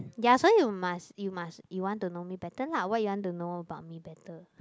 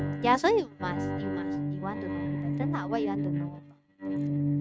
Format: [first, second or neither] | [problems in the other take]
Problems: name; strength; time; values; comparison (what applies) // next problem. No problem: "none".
first | noise reduction (neural mask model RNNoise)